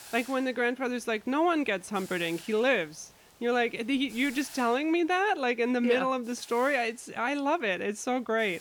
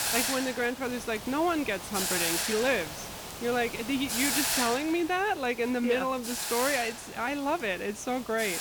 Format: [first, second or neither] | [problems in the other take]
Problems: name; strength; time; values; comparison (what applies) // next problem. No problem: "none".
first | hiss; loud; throughout; 2 dB below the speech; faint in the first